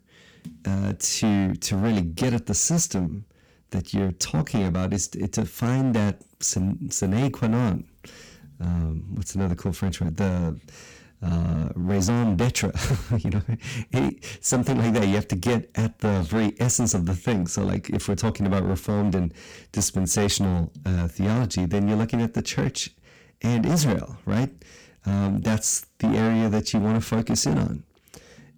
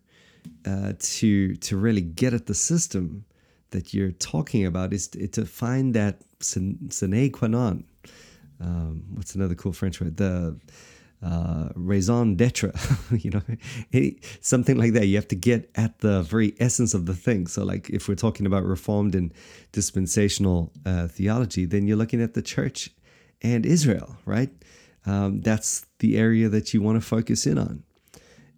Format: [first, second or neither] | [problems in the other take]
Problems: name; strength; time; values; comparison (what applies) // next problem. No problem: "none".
second | distortion; heavy; 13% of the sound clipped